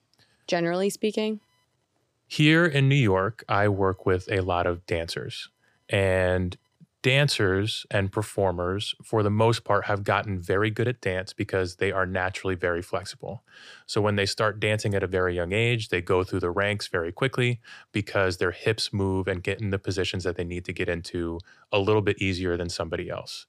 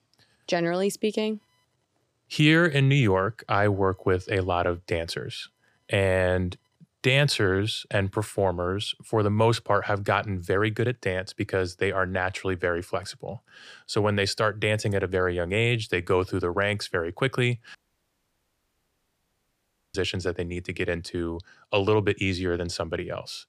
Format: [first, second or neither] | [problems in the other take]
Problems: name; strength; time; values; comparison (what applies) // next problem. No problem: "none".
first | audio cutting out; at 18 s for 2 s